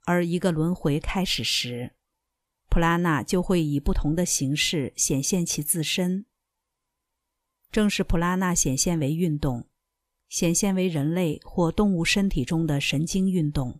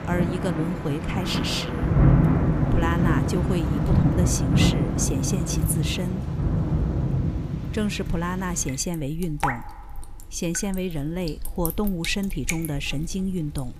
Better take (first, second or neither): first